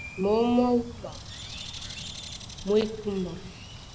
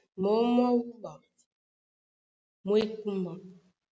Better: second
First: background sound (Bird); 12 dB below the speech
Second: none

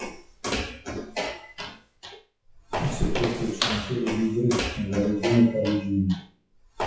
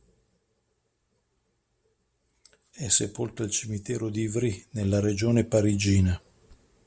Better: second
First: noise reduction (classical method WPE with log-MMSE)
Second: none

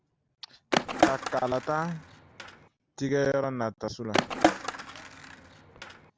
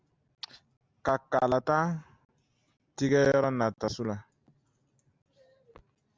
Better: second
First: background sound (Skateboard); 3 dB above the speech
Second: none

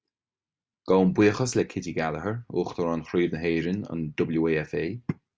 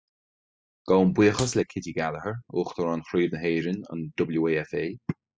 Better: first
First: none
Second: noise reduction (classical method spectral subtraction)

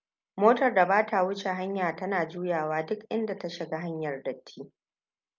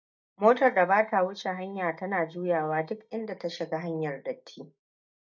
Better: first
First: none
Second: noise reduction (neural mask model DeepFilterNet 3)

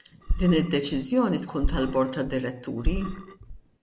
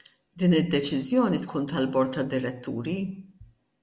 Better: second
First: background sound (Burping, eructation); 3 dB below the speech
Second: none

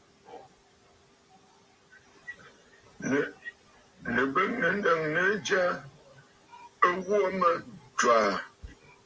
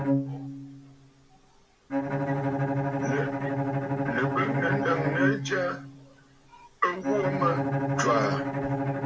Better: first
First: none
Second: background sound (Bowed string instrument); 3 dB above the speech

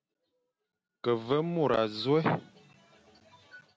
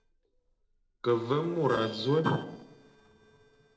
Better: first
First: none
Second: noise reduction (neural separator model SepFormer DNS4)

